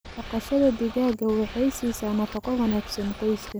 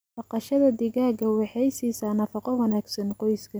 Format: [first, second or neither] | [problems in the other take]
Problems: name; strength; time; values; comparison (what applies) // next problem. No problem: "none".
second | background sound (Boat, Water vehicle); 14 dB below the speech